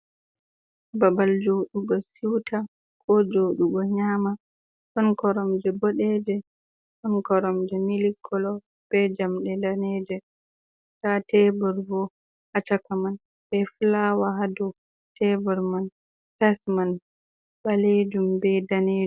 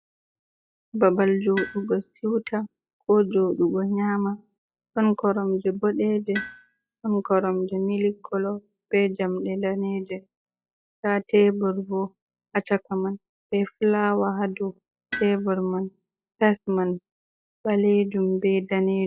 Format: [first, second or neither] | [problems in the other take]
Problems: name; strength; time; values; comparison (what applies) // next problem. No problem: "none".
first | noise reduction (classical method log-MMSE)